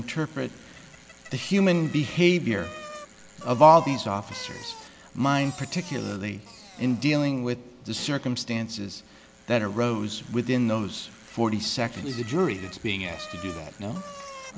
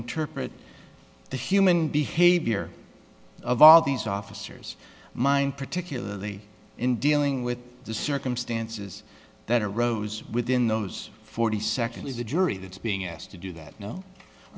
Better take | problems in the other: second | background sound (Bicycle); 19 dB below the speech

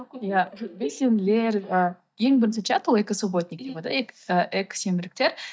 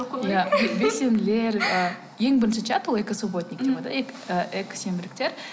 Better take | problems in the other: second | noise reduction (neural mask model DeepFilterNet 3)

